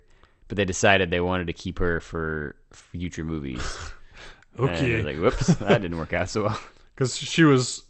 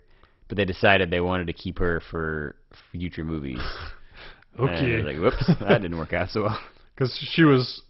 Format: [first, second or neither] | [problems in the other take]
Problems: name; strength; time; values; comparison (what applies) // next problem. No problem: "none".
first | garbled, watery; badly; nothing above 5.5 kHz; slightly in the first